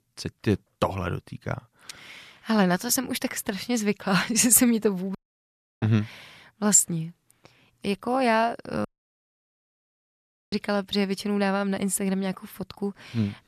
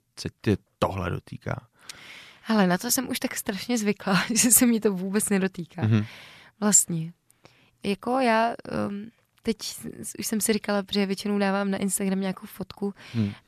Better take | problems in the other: second | audio cutting out; at 5 s for 0.5 s and at 9 s for 1.5 s

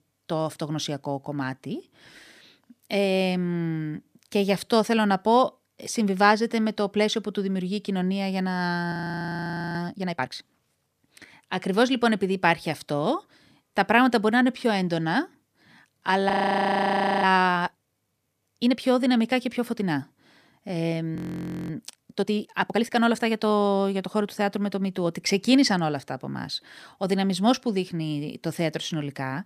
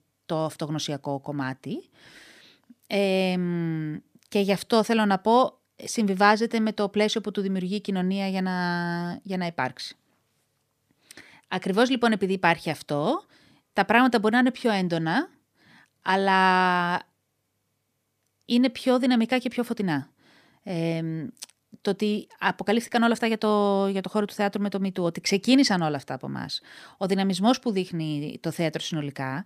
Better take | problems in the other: second | audio freezing; at 9 s for 1 s, at 16 s for 1 s and at 21 s for 0.5 s

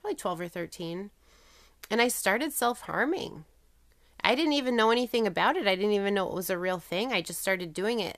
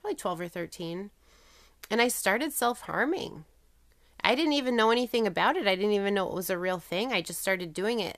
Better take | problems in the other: neither | none

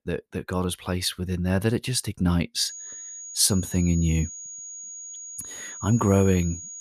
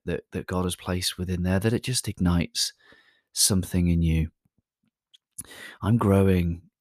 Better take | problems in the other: second | high-pitched whine; noticeable; from 2.5 s on; 6.5 kHz, 10 dB below the speech

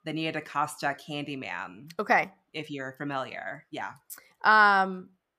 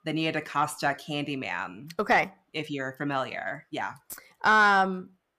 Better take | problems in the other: first | distortion; slight; 10 dB below the speech

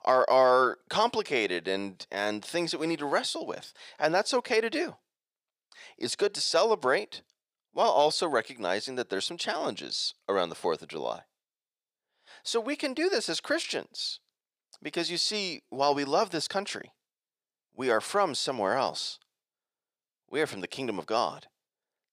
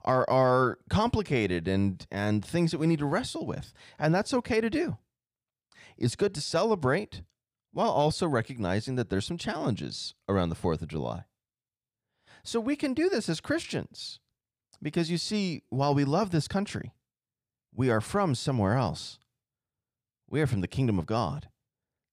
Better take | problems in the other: second | thin; somewhat; fading below 500 Hz

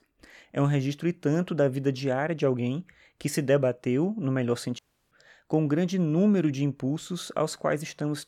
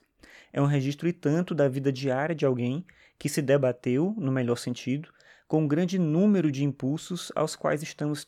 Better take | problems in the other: second | audio cutting out; at 5 s

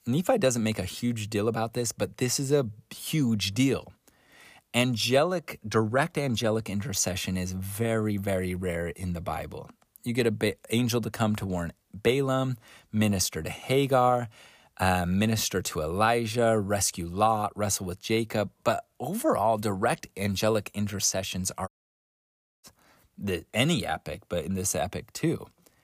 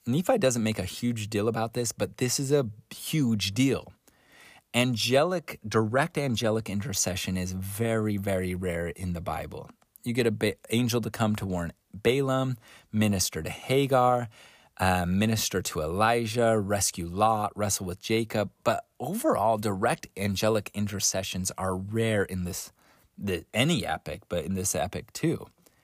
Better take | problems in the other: second | audio cutting out; at 22 s for 1 s

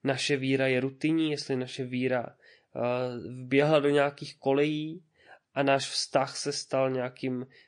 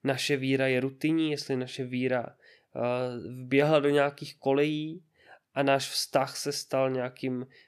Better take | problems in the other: second | garbled, watery; slightly; nothing above 9 kHz

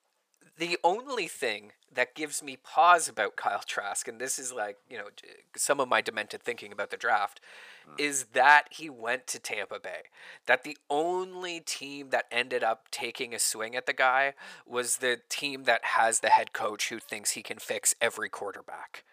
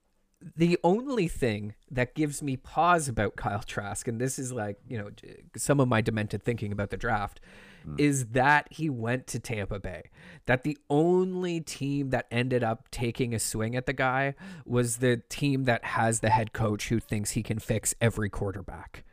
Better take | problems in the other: second | thin; very; fading below 700 Hz

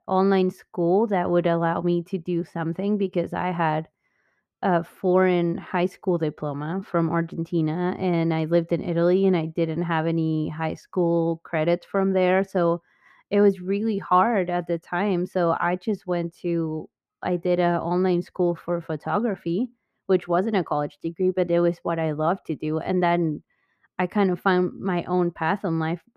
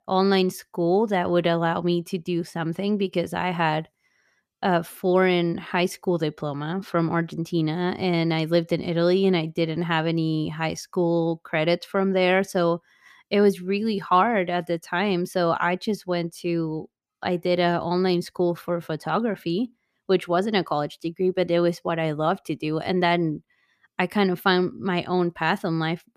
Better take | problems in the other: second | muffled; slightly; fading above 2.5 kHz

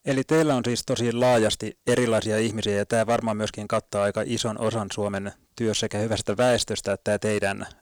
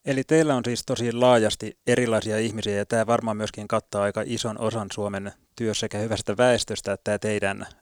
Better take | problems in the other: second | distortion; slight; 4% of the sound clipped

